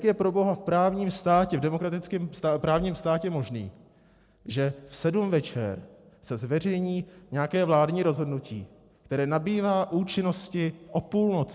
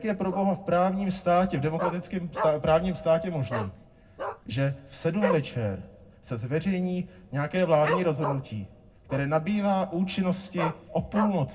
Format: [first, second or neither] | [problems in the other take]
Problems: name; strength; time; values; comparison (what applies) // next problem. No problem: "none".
first | background sound (Dog); 10 dB below the speech // room echo; dies away in 0.3 s